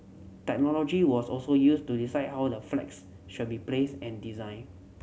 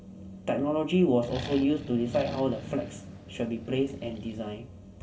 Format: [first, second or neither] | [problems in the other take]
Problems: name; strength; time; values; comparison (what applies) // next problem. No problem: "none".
first | background sound (Accelerating, revving, vroom); 13 dB below the speech // room echo; dies away in 0.2 s